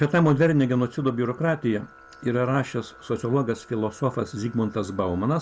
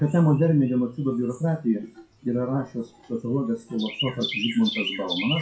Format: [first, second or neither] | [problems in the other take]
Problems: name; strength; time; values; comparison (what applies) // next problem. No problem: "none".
first | noise reduction (classical method WPE with log-MMSE)